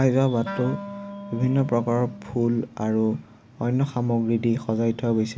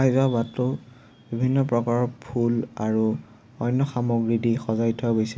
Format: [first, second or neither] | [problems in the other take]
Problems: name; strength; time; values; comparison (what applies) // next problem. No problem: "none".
second | background sound (Wind instrument, woodwind instrument); 14 dB below the speech